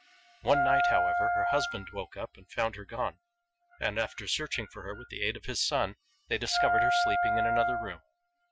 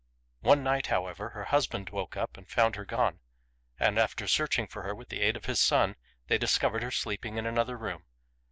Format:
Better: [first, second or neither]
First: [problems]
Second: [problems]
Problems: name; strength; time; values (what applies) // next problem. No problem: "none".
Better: second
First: noise reduction (classical method Wiener filter)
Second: none